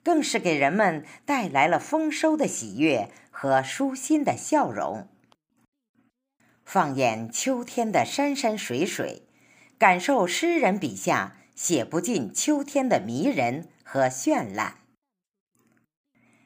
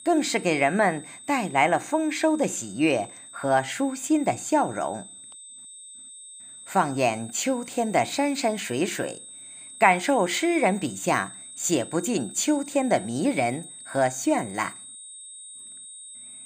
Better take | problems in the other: first | high-pitched whine; noticeable; throughout; 8.5 kHz, 15 dB below the speech

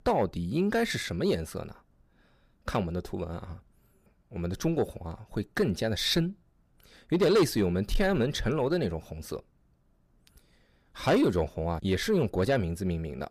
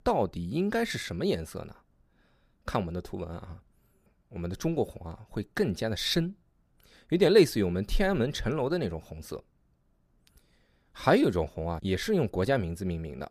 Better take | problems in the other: second | distortion; slight; 10 dB below the speech

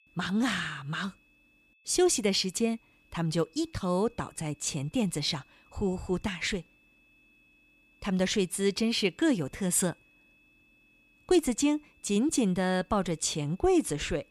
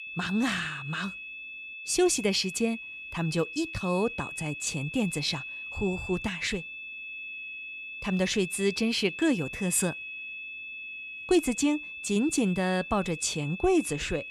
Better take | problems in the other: first | high-pitched whine; loud; throughout; 2.5 kHz, 9 dB below the speech; faint in the first

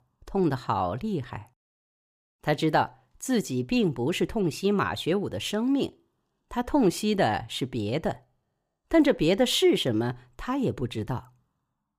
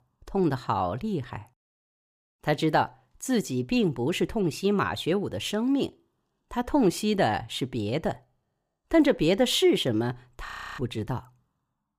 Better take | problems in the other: first | audio freezing; at 10 s

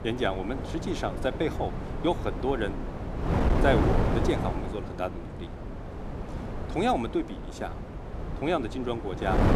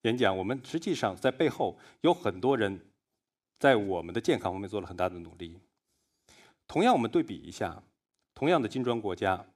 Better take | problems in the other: second | wind noise on the microphone; heavy; 5 dB below the speech

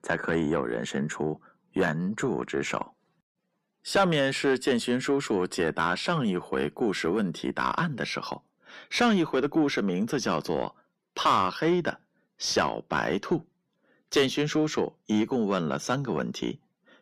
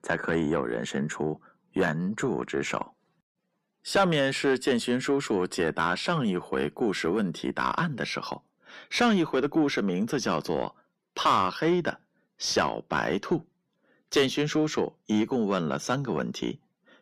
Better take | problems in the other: neither | distortion; heavy; 8 dB below the speech; the same in both

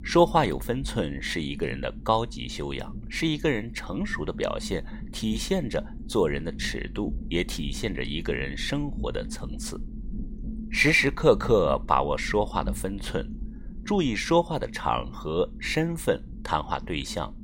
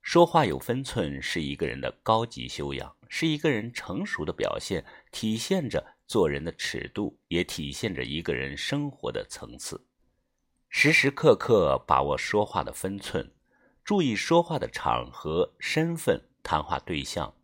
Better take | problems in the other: second | low rumble; faint; throughout; 20 dB below the speech

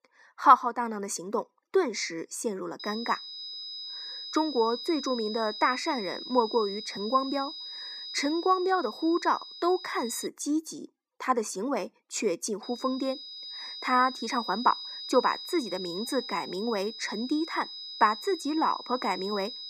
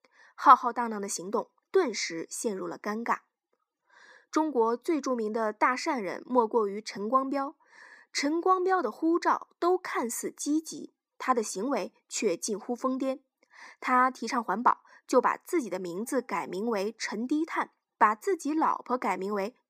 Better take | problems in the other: second | high-pitched whine; loud; from 3 to 10 s and from 13 s on; 5 kHz, 9 dB below the speech

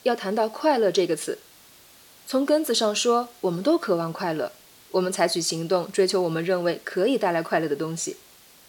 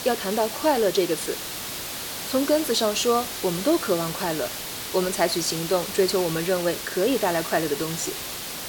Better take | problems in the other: first | hiss; loud; throughout; 6 dB below the speech; faint in the first

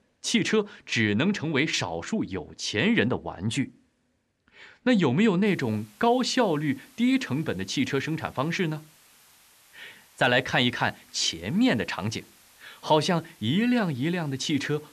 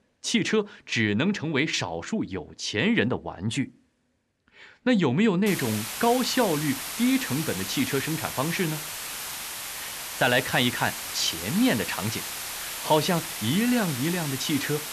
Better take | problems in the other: first | hiss; loud; from 5.5 s on; 6 dB below the speech; faint in the first

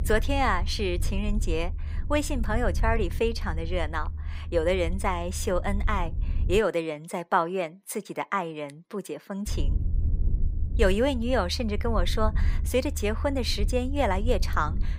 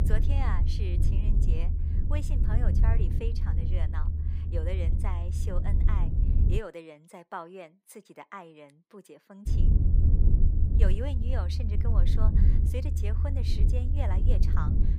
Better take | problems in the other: first | low rumble; loud; until 6.5 s and from 9.5 s on; 2 dB below the speech; faint in the first

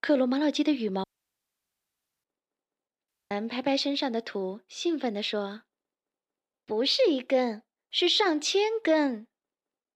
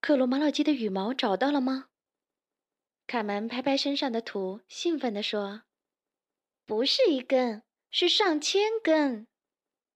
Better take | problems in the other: second | audio cutting out; at 1 s for 1 s and at 3 s

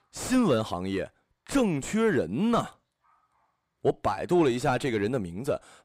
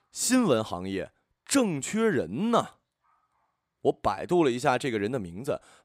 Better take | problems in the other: second | distortion; slight; 9 dB below the speech

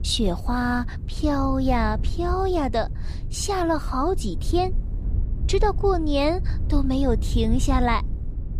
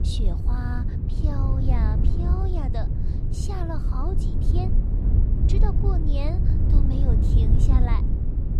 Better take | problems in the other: first | wind noise on the microphone; heavy; 1 dB below the speech; occasional gusts in the first

